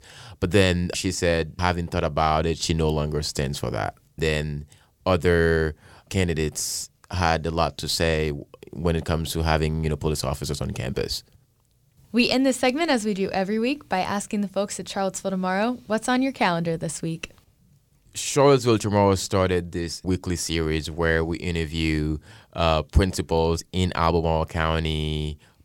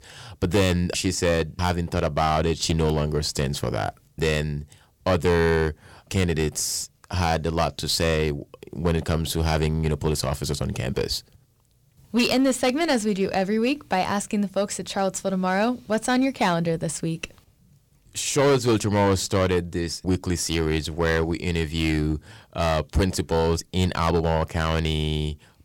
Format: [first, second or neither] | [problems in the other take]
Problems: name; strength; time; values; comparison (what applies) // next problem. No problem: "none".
first | distortion; slight; 4% of the sound clipped